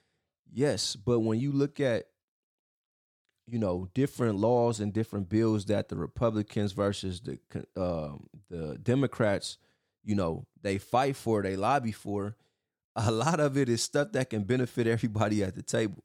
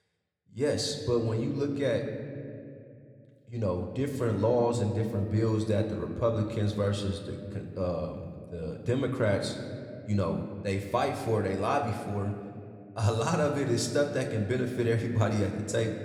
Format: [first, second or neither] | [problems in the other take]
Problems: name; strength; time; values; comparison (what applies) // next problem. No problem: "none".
first | room echo; slight; dies away in 1.8 s